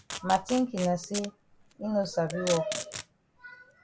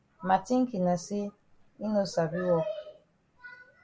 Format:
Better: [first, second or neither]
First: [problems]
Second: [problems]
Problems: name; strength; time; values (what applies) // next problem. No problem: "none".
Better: second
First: background sound (Packing tape, duct tape); 11 dB below the speech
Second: none